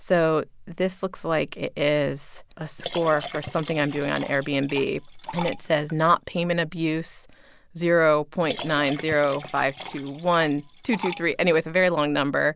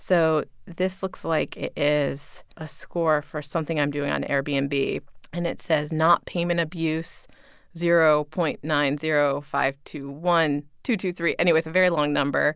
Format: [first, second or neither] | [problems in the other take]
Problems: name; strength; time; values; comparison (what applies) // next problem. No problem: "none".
second | background sound (Liquid); 14 dB below the speech